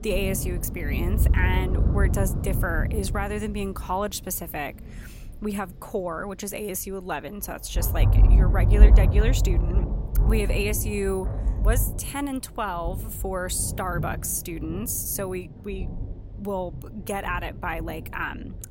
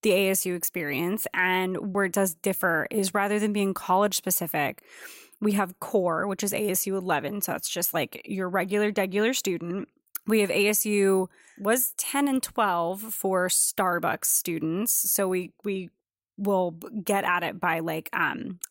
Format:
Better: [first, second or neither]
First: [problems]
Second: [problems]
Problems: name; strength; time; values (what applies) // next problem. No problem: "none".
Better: second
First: rain or running water; very loud; throughout; 5 dB above the speech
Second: none